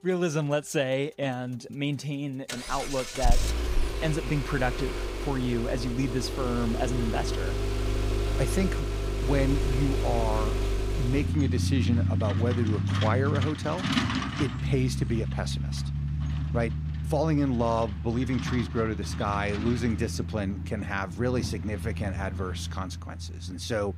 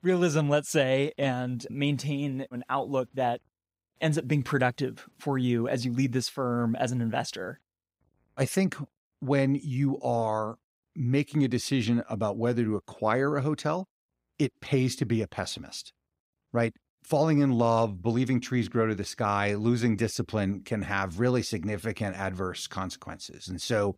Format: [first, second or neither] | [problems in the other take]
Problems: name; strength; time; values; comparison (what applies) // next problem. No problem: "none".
second | traffic noise; loud; throughout; 1 dB below the speech